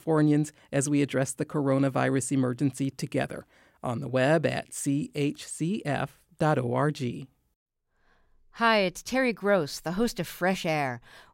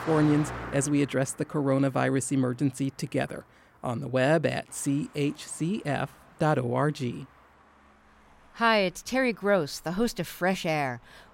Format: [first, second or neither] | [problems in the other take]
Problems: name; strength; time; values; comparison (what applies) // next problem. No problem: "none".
first | traffic noise; noticeable; throughout; 15 dB below the speech